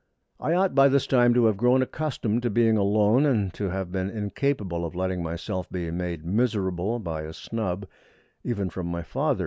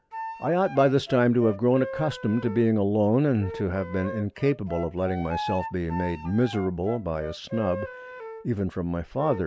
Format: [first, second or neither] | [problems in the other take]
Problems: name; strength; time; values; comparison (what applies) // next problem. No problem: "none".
first | background sound (Wind instrument, woodwind instrument); 12 dB below the speech